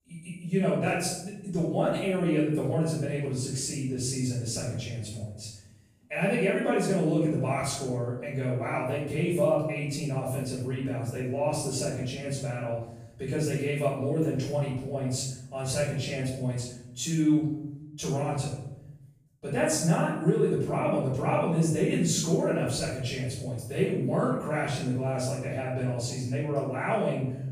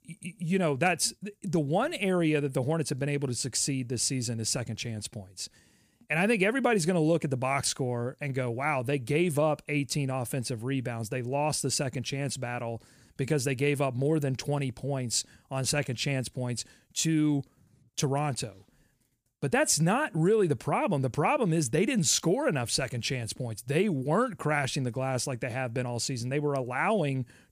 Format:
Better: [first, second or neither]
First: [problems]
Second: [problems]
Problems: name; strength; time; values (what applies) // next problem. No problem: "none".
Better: second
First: off-mic speech; far // room echo; noticeable; dies away in 0.8 s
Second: none